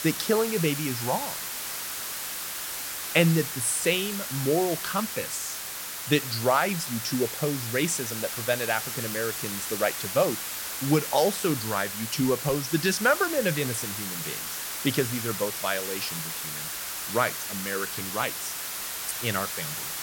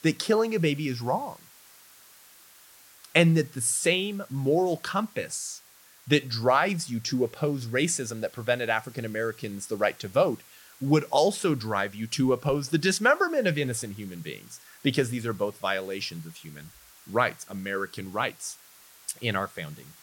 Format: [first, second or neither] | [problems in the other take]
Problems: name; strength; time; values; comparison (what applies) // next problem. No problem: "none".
second | hiss; loud; throughout; 4 dB below the speech; faint in the second